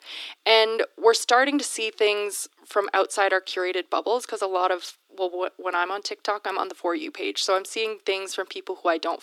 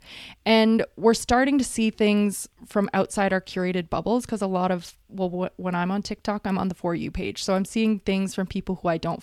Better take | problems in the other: second | thin; very; fading below 300 Hz

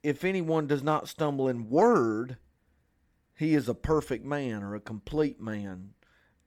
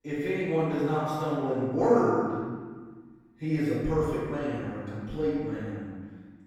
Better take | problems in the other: first | off-mic speech; far // room echo; strong; dies away in 1.5 s

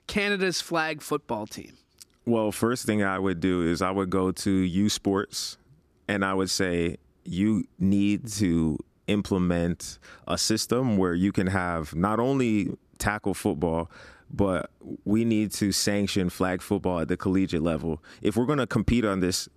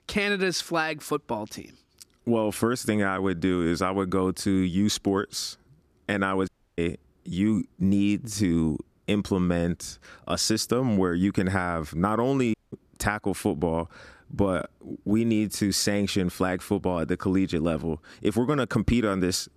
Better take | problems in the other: first | audio cutting out; at 6.5 s and at 13 s

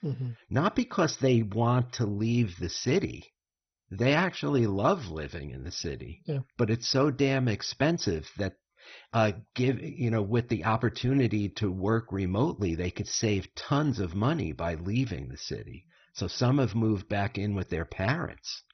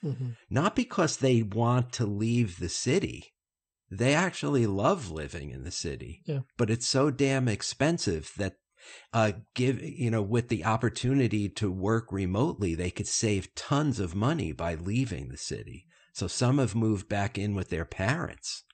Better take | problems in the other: second | garbled, watery; badly; nothing above 6 kHz; slightly in the second

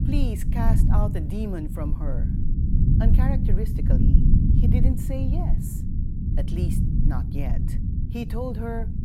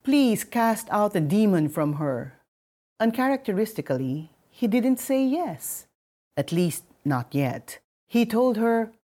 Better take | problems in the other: second | low rumble; loud; throughout; 1 dB below the speech

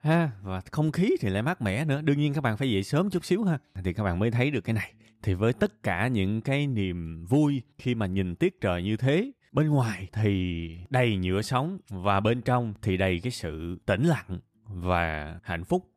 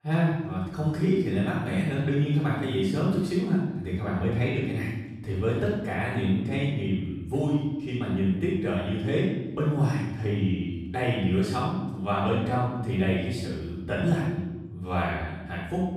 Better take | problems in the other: first | off-mic speech; far // room echo; strong; dies away in 1.1 s

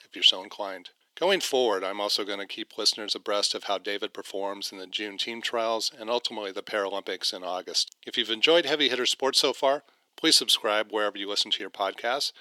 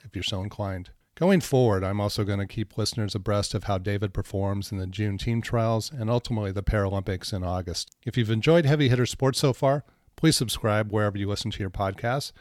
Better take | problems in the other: second | thin; very; fading below 300 Hz

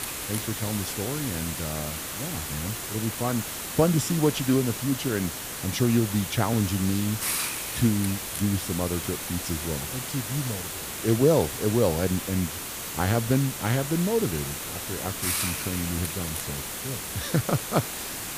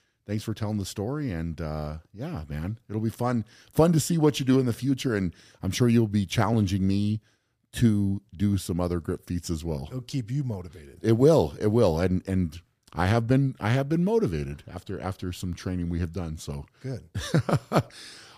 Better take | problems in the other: second | hiss; loud; throughout; 3 dB below the speech

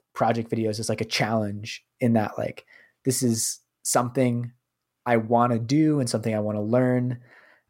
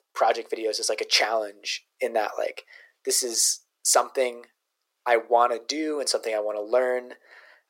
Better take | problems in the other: first | thin; very; fading below 400 Hz

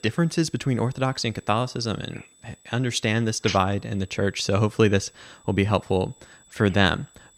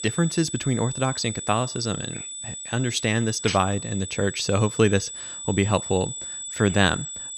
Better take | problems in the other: first | high-pitched whine; loud; throughout; 8 kHz, 8 dB below the speech; faint in the first

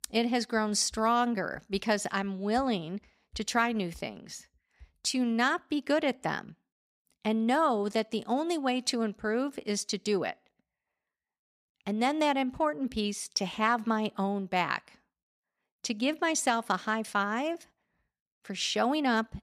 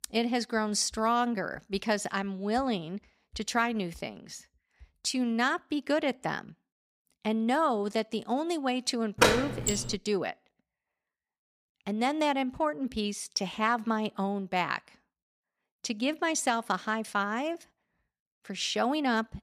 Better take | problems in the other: first | door banging; loud; at 9 s; peak 6 dB above the speech

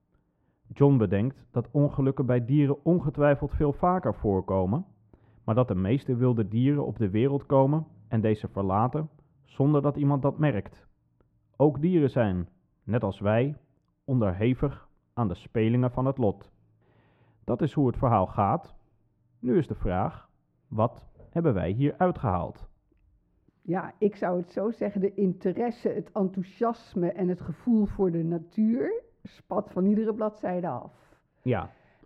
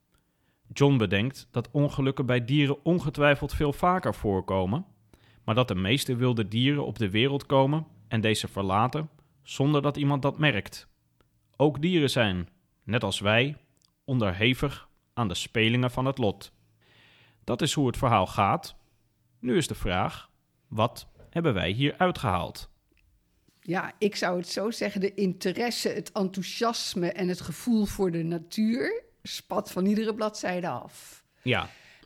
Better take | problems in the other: second | muffled; very; fading above 2.5 kHz

